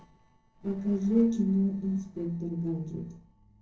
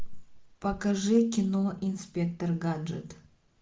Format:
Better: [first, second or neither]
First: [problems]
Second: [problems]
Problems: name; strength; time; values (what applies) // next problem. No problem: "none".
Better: second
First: noise reduction (neural separator model SepFormer DNS4)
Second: none